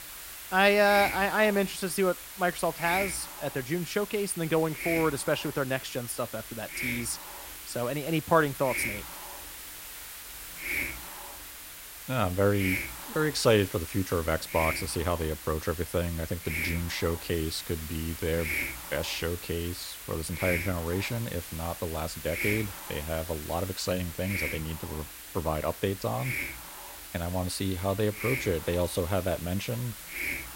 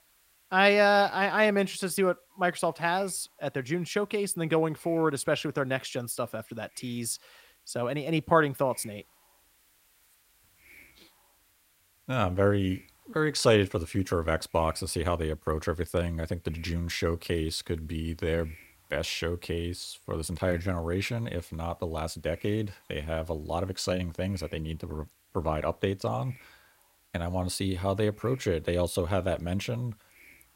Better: second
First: hiss; loud; throughout; 6 dB below the speech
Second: hiss; faint; throughout; 30 dB below the speech

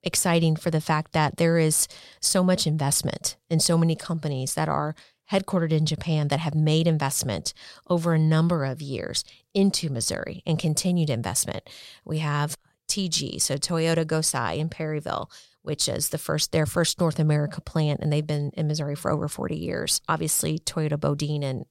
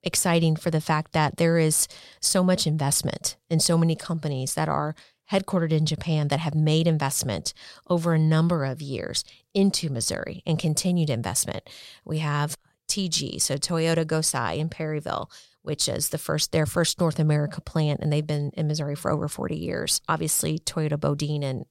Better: neither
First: none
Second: none

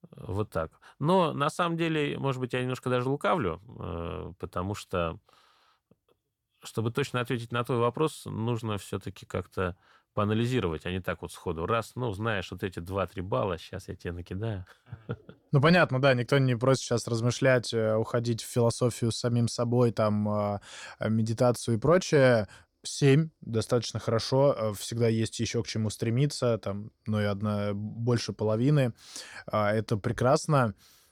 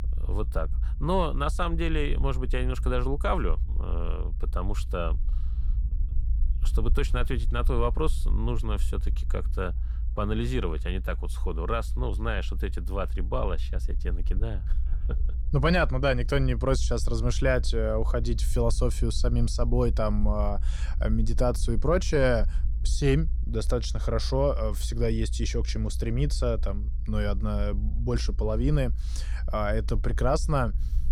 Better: first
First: none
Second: low rumble; faint; throughout; 20 dB below the speech

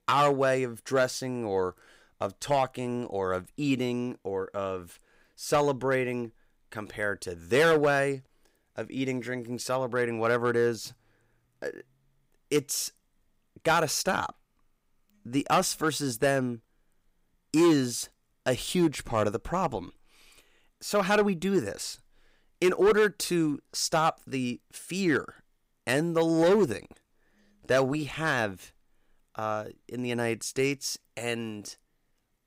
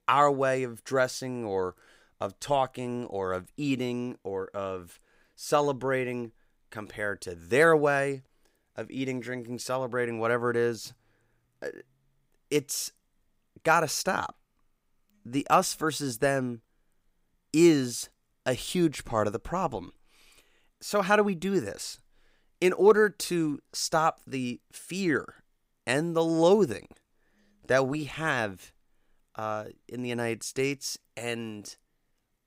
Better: second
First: distortion; slight; 2% of the sound clipped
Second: none

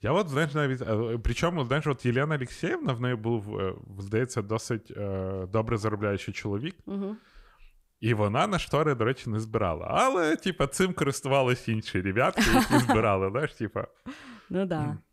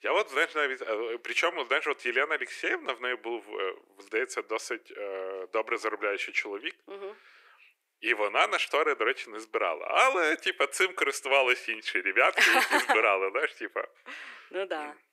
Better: first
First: none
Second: thin; very; fading below 350 Hz

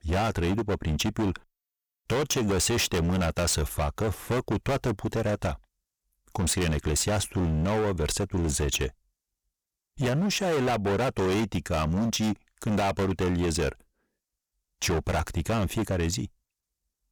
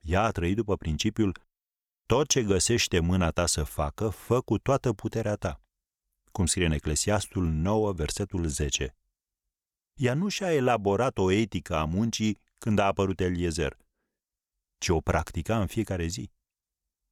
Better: second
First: distortion; heavy; 23% of the sound clipped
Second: none

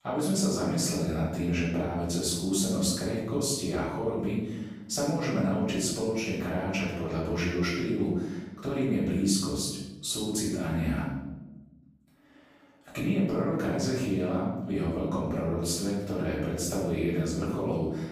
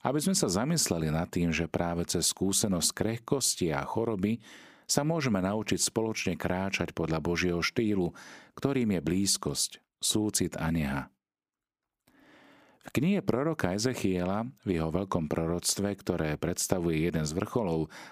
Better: second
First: room echo; noticeable; dies away in 1 s // off-mic speech; far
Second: none

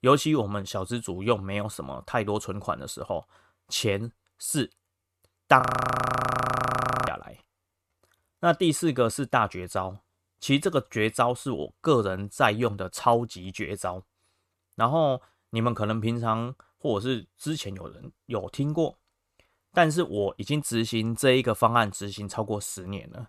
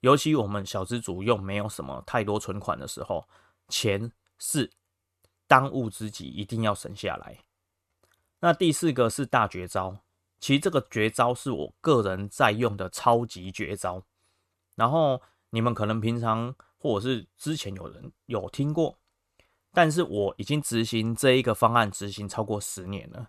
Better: second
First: audio freezing; at 5.5 s for 1.5 s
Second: none

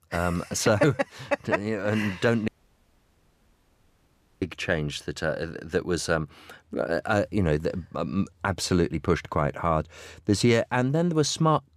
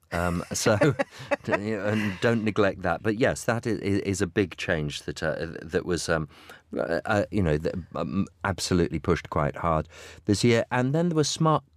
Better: second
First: audio cutting out; at 2.5 s for 2 s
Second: none

